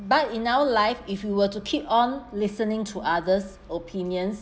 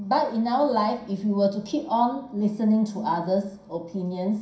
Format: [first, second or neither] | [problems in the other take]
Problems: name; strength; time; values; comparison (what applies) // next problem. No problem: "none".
first | room echo; dies away in 0.5 s